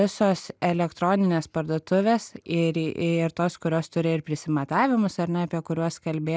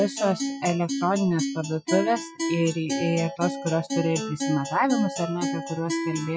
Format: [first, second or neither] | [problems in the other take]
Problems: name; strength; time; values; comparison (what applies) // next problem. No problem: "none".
first | noise reduction (classical method Wiener filter)